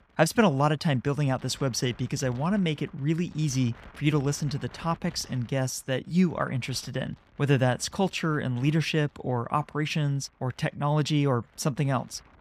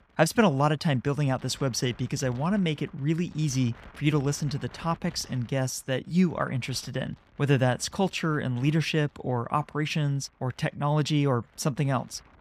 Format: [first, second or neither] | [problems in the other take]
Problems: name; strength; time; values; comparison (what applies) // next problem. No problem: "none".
neither | wind noise on the microphone; occasional gusts; 25 dB below the speech; the same in both